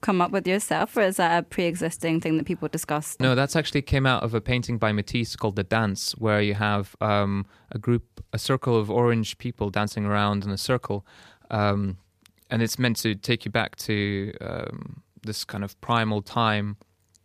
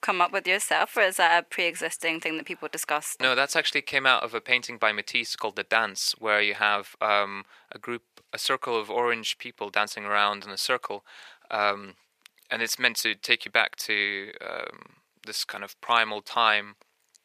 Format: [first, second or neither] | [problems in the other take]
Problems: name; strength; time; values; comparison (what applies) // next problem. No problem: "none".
first | thin; very; fading below 600 Hz